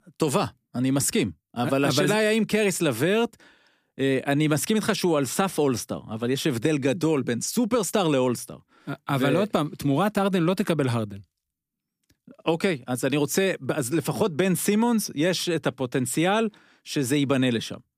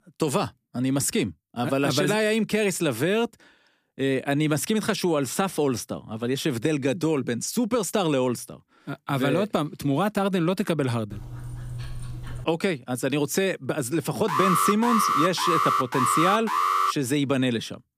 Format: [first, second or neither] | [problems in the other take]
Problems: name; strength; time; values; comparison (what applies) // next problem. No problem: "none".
first | dog barking; faint; from 11 to 12 s; peak 10 dB below the speech // alarm; loud; from 14 to 17 s; peak 3 dB above the speech